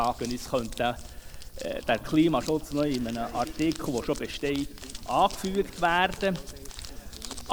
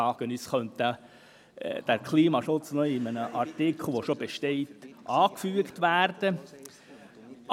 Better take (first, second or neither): second